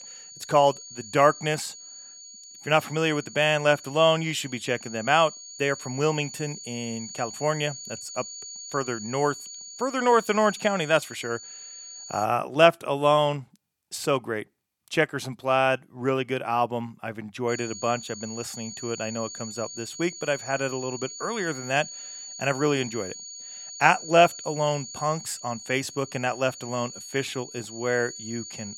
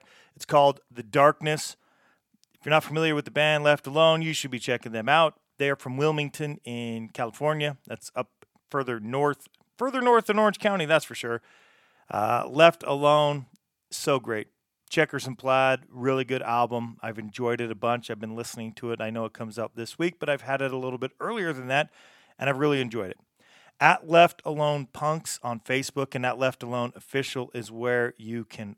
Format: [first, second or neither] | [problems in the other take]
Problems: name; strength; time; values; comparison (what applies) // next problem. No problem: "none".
second | high-pitched whine; noticeable; until 12 s and from 17 s on; 7 kHz, 10 dB below the speech